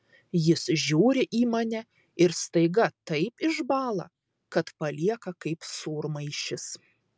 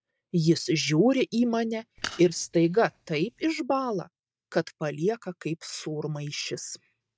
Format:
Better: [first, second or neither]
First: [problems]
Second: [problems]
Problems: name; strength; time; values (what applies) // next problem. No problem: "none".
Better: first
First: none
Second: noise reduction (neural mask model DeepFilterNet 3)